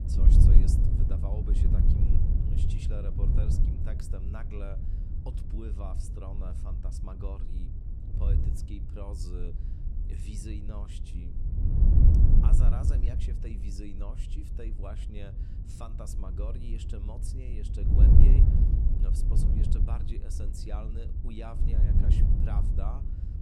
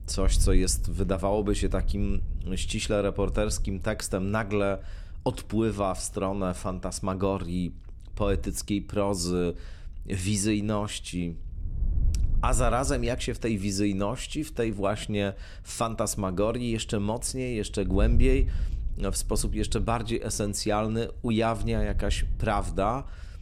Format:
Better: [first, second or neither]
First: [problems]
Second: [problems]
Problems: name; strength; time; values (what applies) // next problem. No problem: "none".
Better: second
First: wind noise on the microphone; heavy; 3 dB above the speech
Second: wind noise on the microphone; occasional gusts; 25 dB below the speech